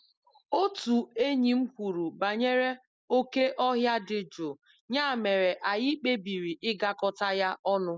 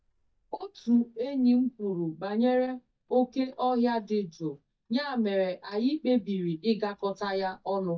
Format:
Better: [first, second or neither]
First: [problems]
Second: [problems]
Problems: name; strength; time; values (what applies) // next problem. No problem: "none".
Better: first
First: none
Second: noise reduction (neural mask model DeepFilterNet 3)